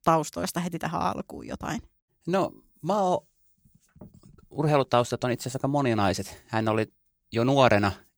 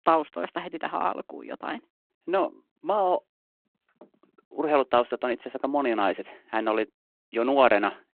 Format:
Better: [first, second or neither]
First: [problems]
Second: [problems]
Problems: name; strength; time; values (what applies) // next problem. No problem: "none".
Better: first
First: none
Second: phone-call audio